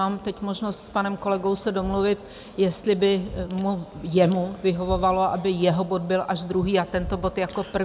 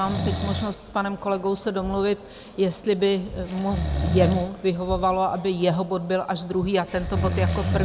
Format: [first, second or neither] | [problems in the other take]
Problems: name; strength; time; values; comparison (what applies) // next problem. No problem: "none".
first | background sound (Breathing); 6 dB below the speech